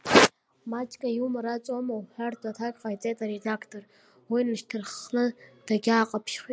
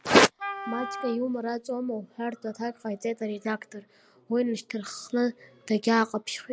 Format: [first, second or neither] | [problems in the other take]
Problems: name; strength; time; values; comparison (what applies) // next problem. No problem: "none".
first | background sound (Wind instrument, woodwind instrument); 10 dB below the speech